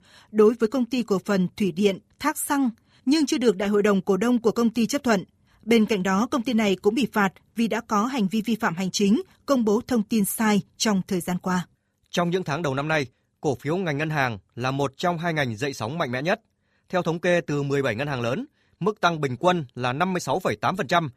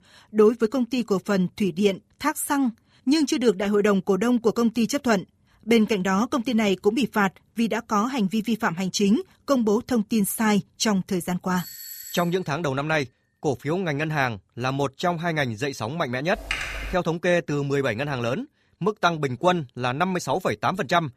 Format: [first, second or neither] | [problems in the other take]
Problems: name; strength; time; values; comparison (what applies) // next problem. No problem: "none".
first | doorbell; faint; at 12 s; peak 10 dB below the speech // keyboard typing; noticeable; at 16 s; peak 4 dB below the speech